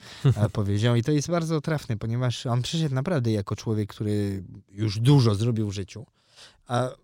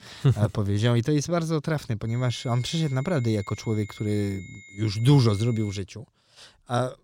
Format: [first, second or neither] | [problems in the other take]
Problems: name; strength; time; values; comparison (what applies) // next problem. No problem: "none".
first | high-pitched whine; faint; from 2 to 6 s; 2 kHz, 20 dB below the speech